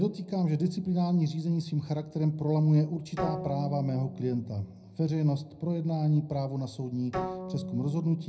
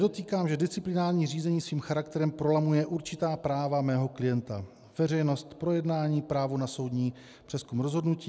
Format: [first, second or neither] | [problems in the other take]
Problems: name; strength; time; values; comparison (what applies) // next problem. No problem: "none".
second | background sound (Bowed string instrument); 12 dB below the speech // room echo; dies away in 0.3 s